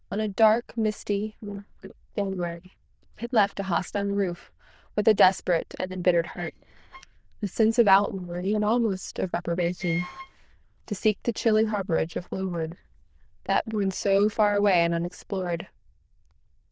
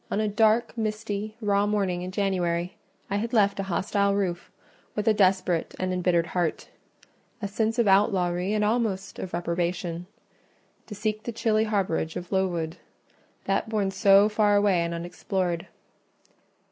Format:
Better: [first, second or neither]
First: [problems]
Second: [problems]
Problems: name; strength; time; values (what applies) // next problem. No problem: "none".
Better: second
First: noise reduction (neural diffusion model UNIVERSE++)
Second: none